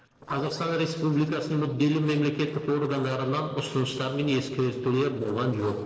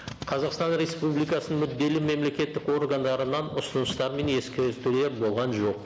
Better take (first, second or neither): second